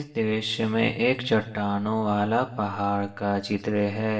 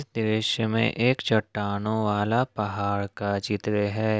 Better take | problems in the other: second | room echo; dies away in 1 s

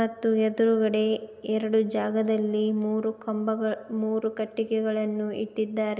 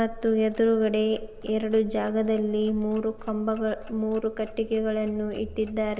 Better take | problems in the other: first | background sound (Clock); 17 dB below the speech

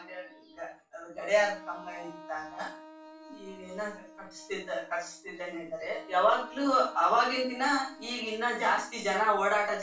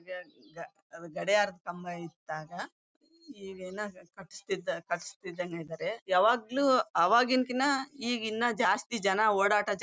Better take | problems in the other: second | background sound (Wind instrument, woodwind instrument); 19 dB below the speech // room echo; dies away in 0.3 s

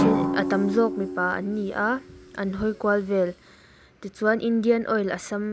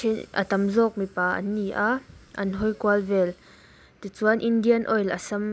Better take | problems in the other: second | background sound (Drum); 6 dB below the speech

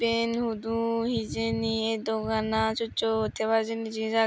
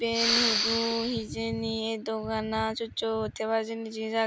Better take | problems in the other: first | background sound (Respiratory sounds); 1 dB above the speech

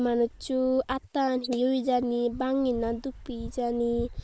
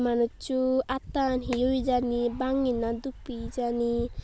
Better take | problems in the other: second | noise reduction (neural mask model Resemble Enhance denoiser)

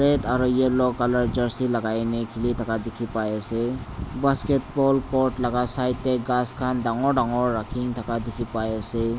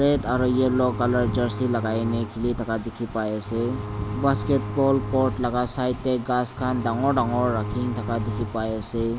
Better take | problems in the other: first | background sound (Bowed string instrument); 7 dB below the speech

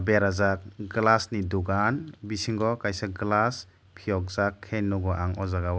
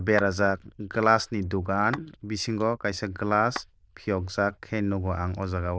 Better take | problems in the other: first | noise reduction (neural diffusion model UNIVERSE++)

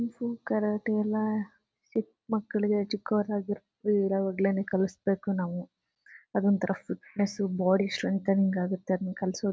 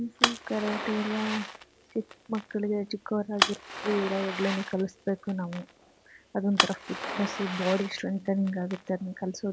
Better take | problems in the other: first | background sound (Fire); 4 dB below the speech

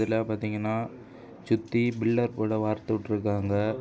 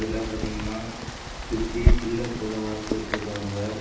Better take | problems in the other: first | background sound (Rain); 3 dB above the speech // room echo; dies away in 0.9 s

